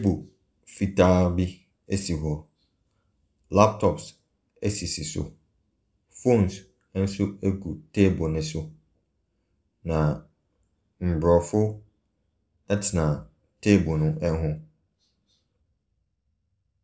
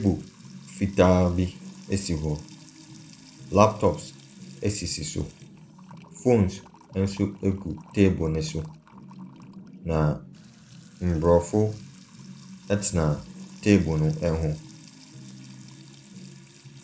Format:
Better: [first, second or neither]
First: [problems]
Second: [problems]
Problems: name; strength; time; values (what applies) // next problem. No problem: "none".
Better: first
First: none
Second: background sound (Trickle, dribble / Water tap, faucet / Music); 19 dB below the speech